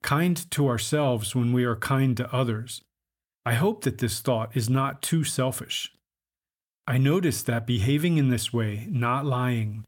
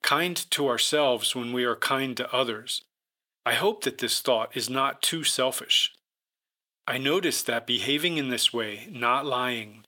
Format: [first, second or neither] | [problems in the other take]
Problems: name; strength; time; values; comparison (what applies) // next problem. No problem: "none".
first | thin; somewhat; fading below 450 Hz